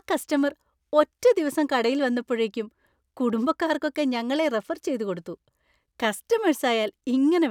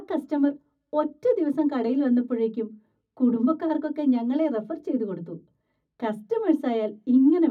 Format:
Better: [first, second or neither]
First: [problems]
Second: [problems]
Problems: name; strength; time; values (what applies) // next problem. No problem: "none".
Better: first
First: none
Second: room echo; dies away in 0.4 s